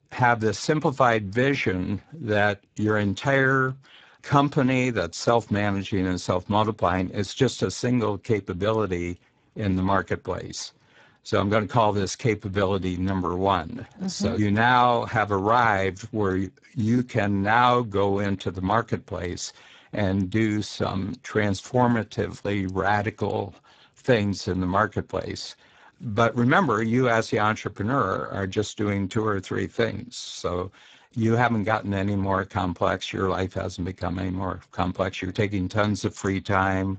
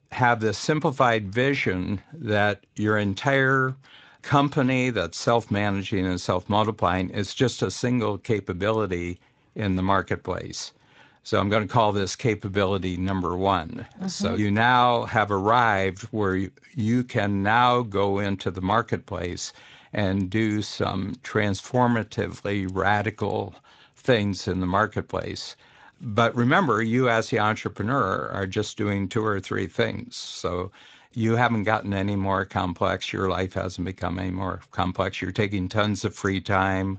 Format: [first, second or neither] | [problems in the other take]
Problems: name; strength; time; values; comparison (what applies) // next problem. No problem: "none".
second | garbled, watery; badly; nothing above 7.5 kHz; slightly in the second